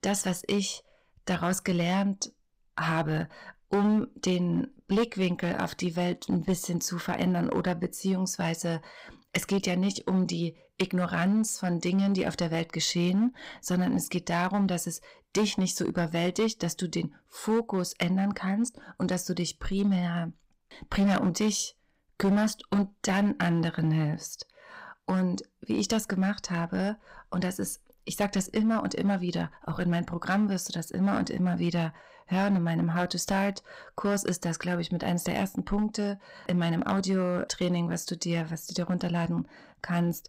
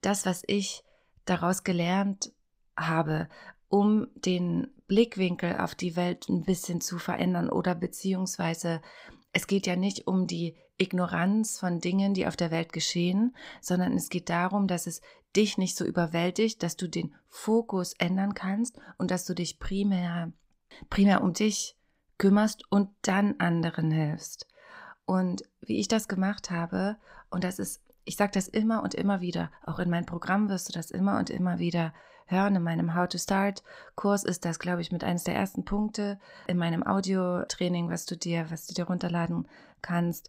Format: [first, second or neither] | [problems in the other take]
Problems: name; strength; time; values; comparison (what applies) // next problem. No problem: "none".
second | distortion; slight; 5% of the sound clipped